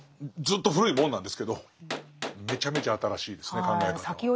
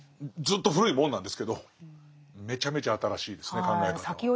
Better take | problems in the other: second | background sound (Gunshot, gunfire); 13 dB below the speech

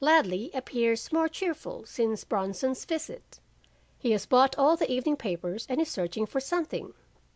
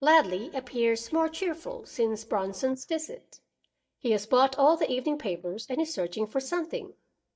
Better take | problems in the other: first | noise reduction (neural mask model DeepFilterNet 3)

